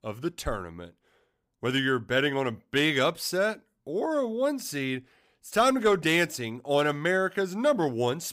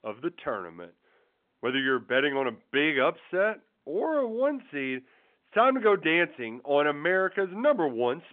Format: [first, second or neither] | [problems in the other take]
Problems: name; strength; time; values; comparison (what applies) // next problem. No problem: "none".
first | phone-call audio; nothing above 3.5 kHz